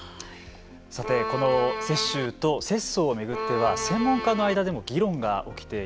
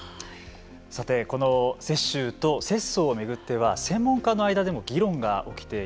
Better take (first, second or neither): second